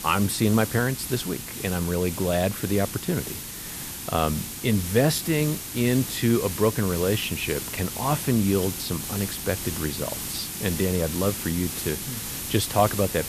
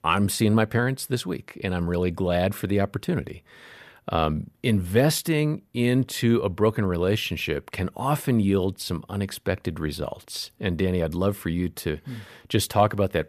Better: second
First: hiss; loud; throughout; 6 dB below the speech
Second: none

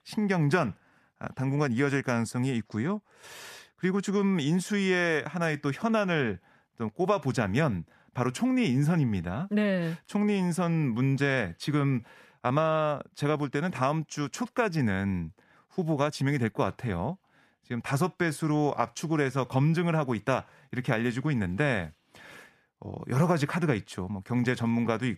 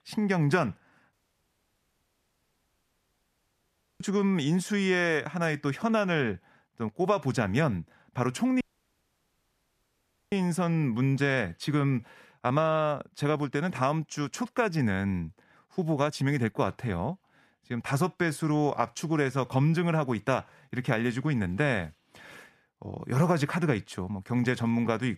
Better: first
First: none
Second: audio cutting out; at 1 s for 3 s and at 8.5 s for 1.5 s

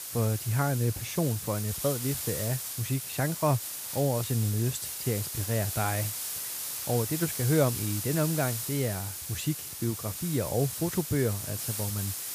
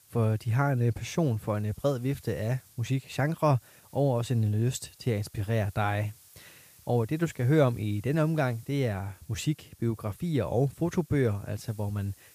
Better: second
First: hiss; loud; throughout; 3 dB below the speech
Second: hiss; faint; throughout; 25 dB below the speech

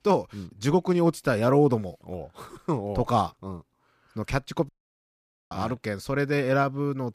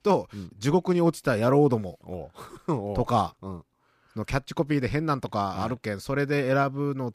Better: second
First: audio cutting out; at 4.5 s for 1 s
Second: none

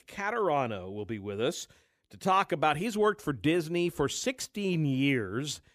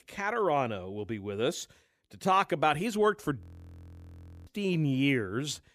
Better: first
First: none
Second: audio freezing; at 3.5 s for 1 s

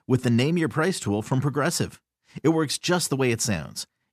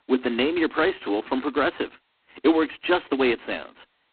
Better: first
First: none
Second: phone-call audio; poor line; nothing above 4 kHz

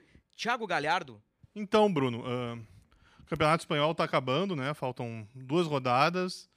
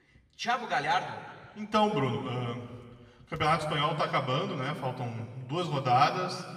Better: first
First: none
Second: room echo; slight; dies away in 1.5 s // off-mic speech; somewhat distant

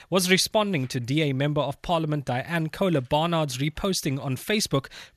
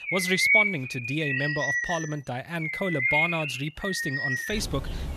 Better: first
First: none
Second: animal sounds; very loud; throughout; 5 dB above the speech

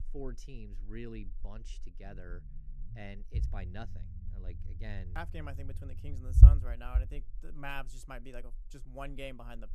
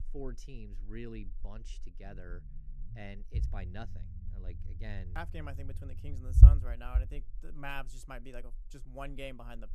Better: neither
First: low rumble; loud; throughout; 1 dB below the speech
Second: low rumble; loud; throughout; 1 dB below the speech

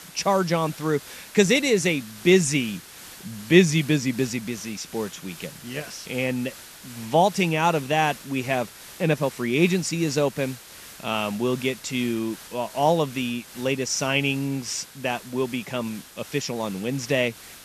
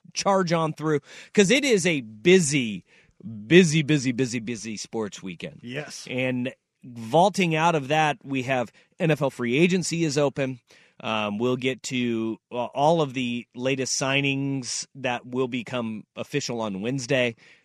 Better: second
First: hiss; noticeable; throughout; 15 dB below the speech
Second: none

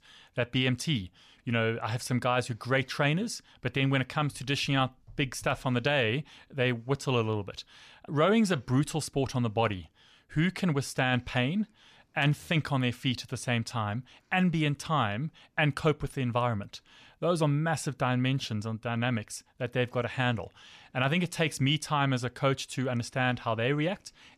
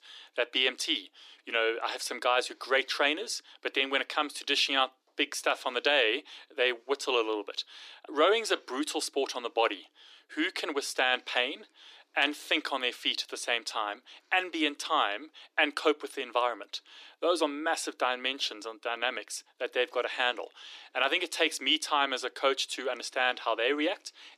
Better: first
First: none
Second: thin; very; fading below 300 Hz

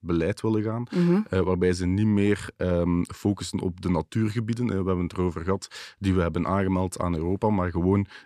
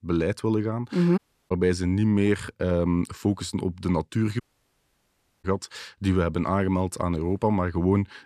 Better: first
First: none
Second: audio cutting out; at 1 s and at 4.5 s for 1 s

